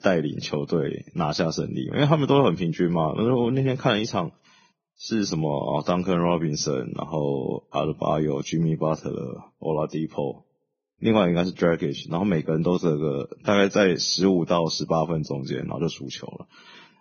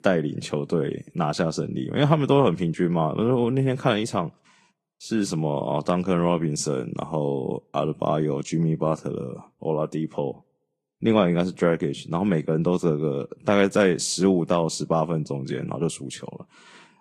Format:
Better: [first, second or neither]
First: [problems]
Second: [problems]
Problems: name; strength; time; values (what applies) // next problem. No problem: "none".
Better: second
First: garbled, watery; badly; nothing above 6.5 kHz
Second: garbled, watery; slightly; nothing above 12.5 kHz